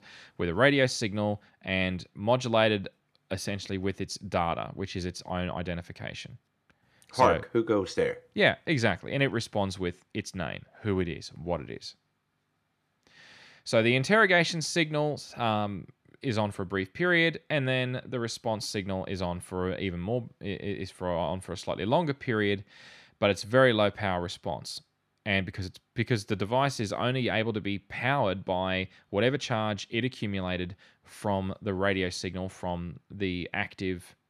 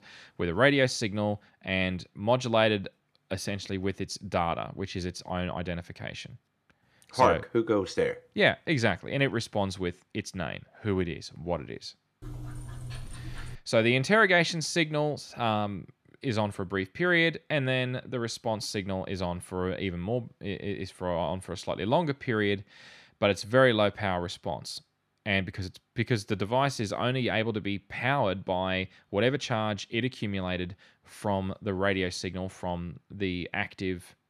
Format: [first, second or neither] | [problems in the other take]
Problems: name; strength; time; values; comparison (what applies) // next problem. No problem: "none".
first | dog barking; faint; from 12 to 14 s; peak 10 dB below the speech